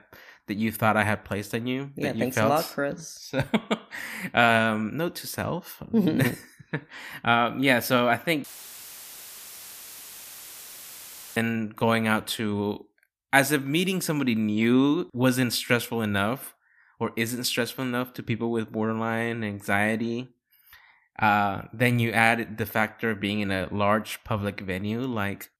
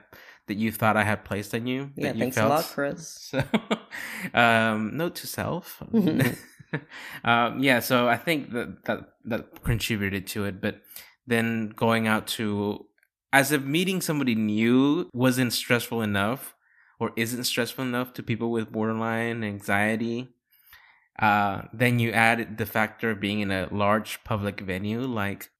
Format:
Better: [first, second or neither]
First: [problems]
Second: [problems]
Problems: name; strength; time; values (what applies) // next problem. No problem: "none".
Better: second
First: audio cutting out; filled with static; at 8.5 s for 3 s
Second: none